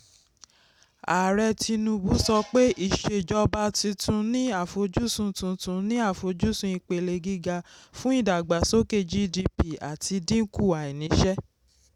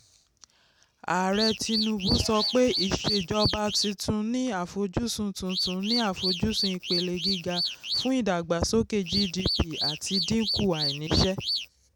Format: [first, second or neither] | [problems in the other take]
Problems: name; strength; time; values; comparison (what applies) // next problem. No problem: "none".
first | background sound (Alarm / Car); 3 dB below the speech